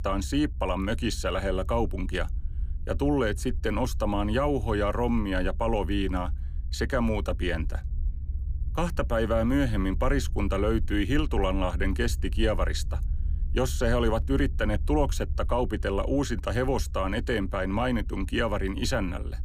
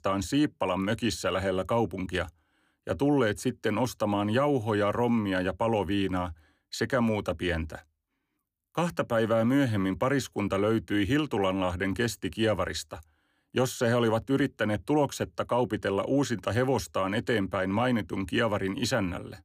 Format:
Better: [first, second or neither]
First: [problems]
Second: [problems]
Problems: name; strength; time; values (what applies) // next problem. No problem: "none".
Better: second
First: low rumble; faint; throughout; 25 dB below the speech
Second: none